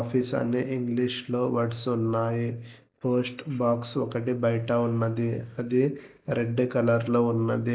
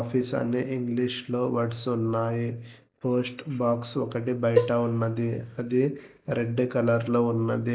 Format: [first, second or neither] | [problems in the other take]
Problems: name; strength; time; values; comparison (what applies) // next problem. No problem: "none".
first | background sound (Cowbell); 3 dB below the speech